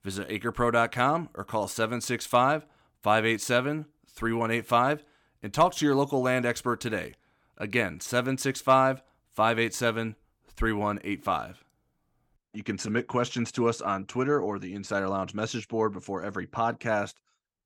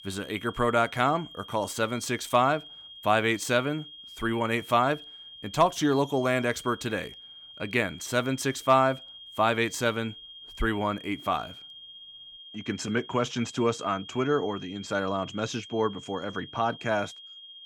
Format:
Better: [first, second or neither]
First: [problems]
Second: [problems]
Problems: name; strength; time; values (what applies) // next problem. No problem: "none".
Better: first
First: none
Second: high-pitched whine; noticeable; throughout; 3 kHz, 15 dB below the speech